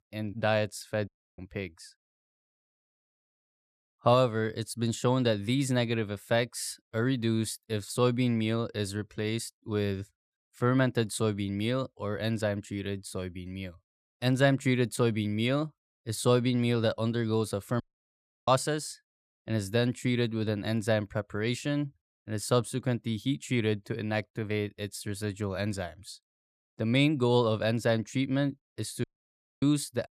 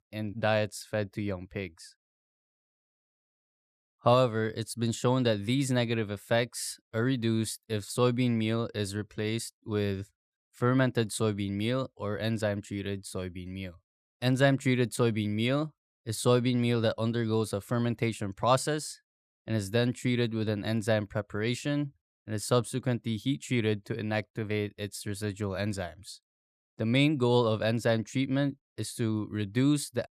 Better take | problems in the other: second | audio cutting out; at 1 s, at 18 s for 0.5 s and at 29 s for 0.5 s

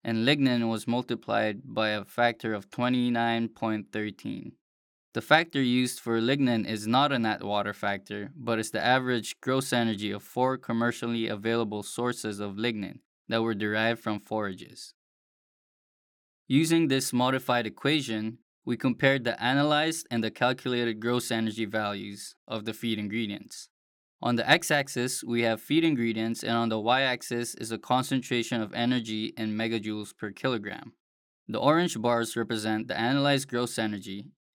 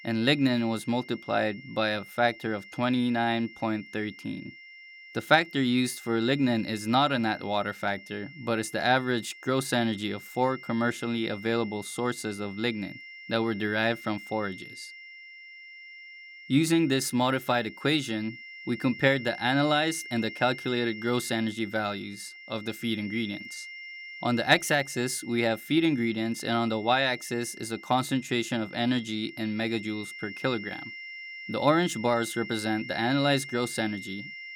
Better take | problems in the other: first | high-pitched whine; noticeable; throughout; 2 kHz, 15 dB below the speech

